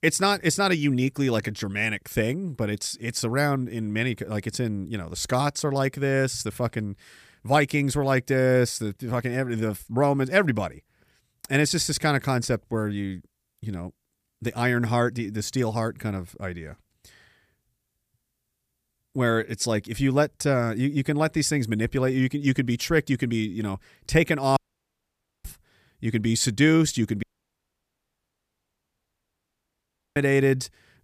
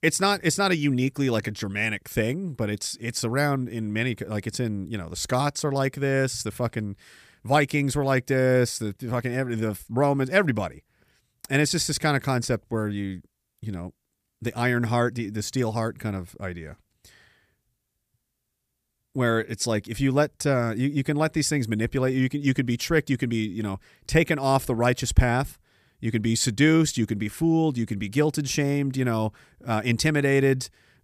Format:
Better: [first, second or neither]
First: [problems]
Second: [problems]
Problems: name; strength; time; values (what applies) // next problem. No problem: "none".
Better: second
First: audio cutting out; at 25 s for 1 s and at 27 s for 3 s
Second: none